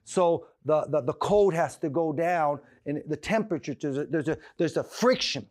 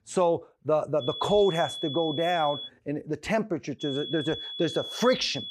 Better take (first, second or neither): first